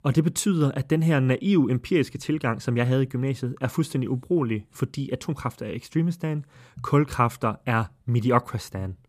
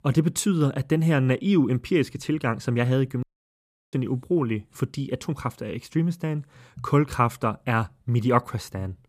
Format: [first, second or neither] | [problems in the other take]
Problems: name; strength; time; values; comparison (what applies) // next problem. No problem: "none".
first | audio cutting out; at 3 s for 0.5 s